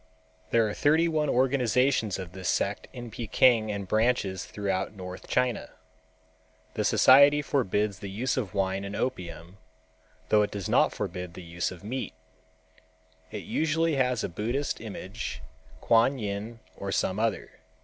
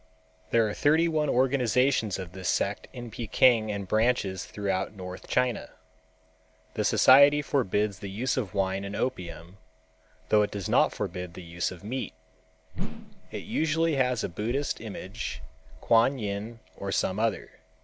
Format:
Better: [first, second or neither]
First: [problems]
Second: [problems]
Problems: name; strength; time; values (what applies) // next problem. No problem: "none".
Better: first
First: none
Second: background sound (Whoosh, swoosh, swish); 3 dB below the speech